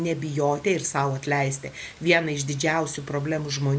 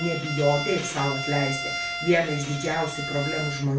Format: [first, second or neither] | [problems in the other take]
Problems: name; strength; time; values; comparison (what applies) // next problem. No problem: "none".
first | background sound (Bowed string instrument); 6 dB below the speech // room echo; dies away in 0.3 s